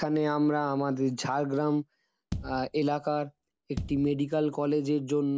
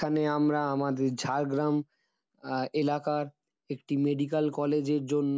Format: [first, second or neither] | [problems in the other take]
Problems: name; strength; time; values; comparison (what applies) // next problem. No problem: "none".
second | background sound (Bass drum); 13 dB below the speech